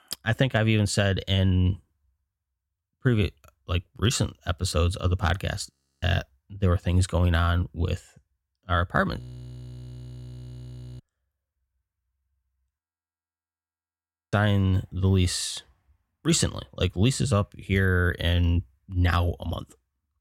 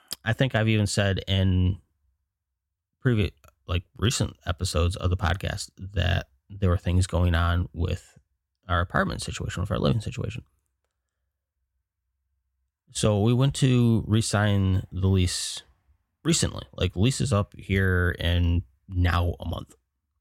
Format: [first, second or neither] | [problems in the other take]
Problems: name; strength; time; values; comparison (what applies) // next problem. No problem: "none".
second | audio freezing; at 5.5 s, at 9 s for 2 s and at 13 s for 1.5 s